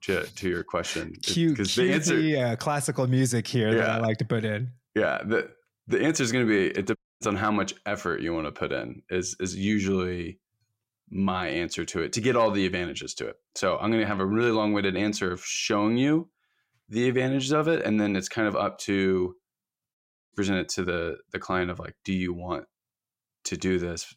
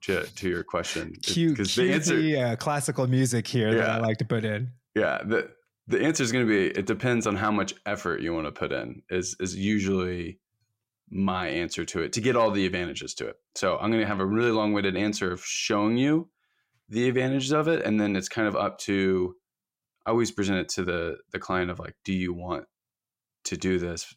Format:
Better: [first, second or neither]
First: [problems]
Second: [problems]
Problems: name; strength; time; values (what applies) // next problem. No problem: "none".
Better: second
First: audio cutting out; at 7 s and at 20 s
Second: none